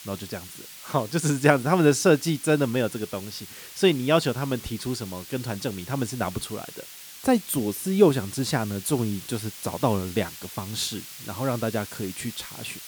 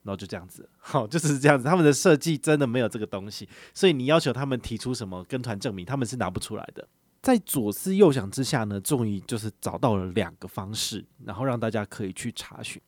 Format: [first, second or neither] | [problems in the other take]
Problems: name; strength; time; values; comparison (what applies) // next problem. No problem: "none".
second | hiss; noticeable; throughout; 15 dB below the speech